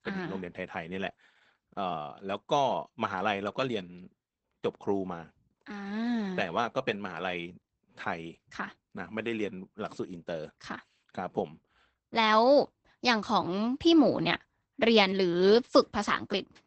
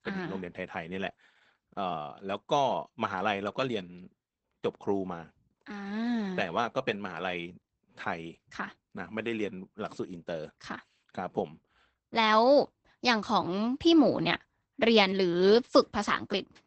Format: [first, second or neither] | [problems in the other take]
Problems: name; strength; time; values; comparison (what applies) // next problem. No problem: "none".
neither | garbled, watery; badly; nothing above 8 kHz; the same in both